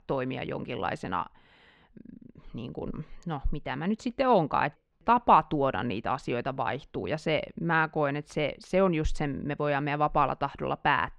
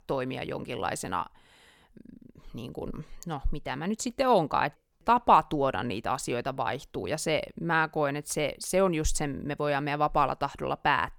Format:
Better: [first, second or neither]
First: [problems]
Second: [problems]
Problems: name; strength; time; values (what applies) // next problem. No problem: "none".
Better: second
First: muffled; slightly; fading above 3 kHz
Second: none